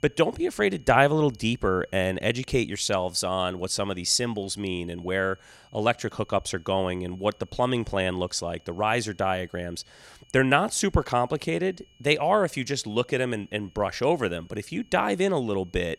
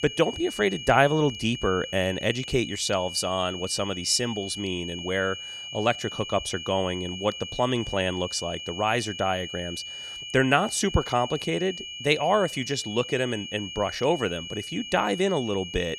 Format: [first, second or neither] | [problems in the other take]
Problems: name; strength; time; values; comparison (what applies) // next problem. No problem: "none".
first | high-pitched whine; loud; throughout; 3 kHz, 9 dB below the speech; faint in the first